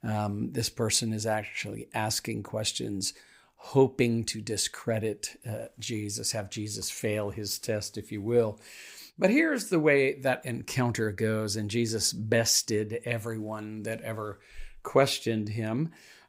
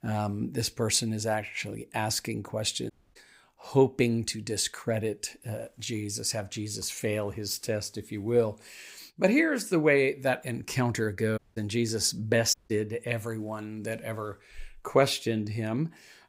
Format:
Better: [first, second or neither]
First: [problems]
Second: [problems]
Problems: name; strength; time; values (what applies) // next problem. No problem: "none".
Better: first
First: none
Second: audio cutting out; at 3 s, at 11 s and at 13 s